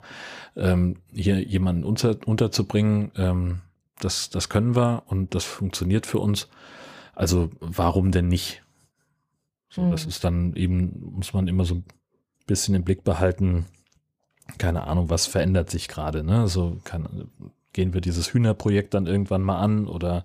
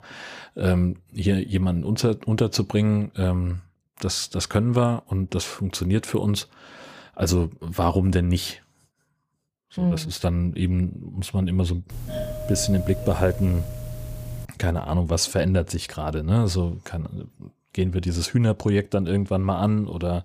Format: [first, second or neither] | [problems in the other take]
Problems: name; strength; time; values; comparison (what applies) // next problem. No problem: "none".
first | doorbell; noticeable; from 12 to 14 s; peak 7 dB below the speech